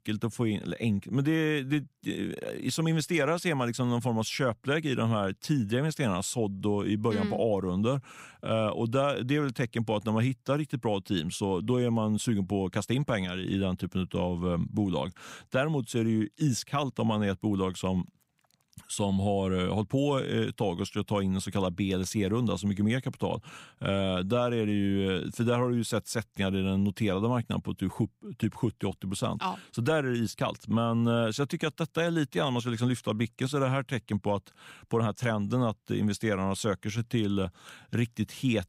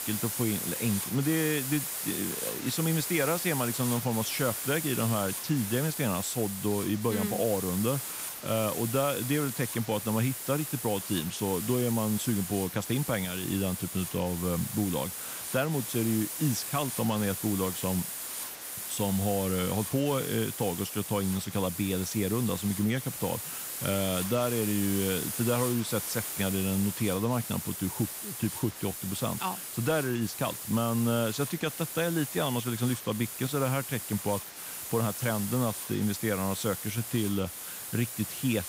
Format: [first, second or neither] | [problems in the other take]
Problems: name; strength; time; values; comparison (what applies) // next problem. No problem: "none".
first | hiss; loud; throughout; 4 dB below the speech